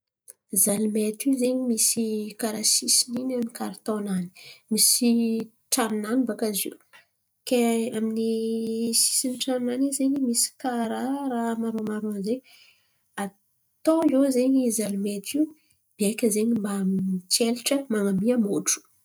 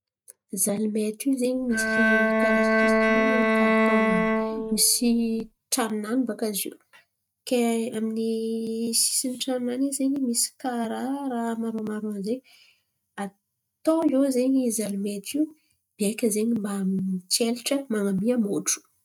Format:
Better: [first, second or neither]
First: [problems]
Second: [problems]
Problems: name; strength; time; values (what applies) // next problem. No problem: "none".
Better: first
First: none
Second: noise reduction (neural mask model RNNoise)